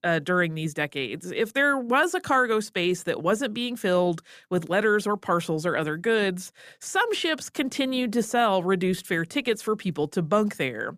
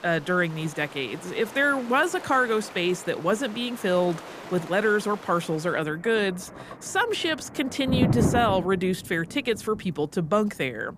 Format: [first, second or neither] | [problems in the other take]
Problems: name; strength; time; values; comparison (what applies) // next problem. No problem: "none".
first | rain or running water; loud; throughout; 8 dB below the speech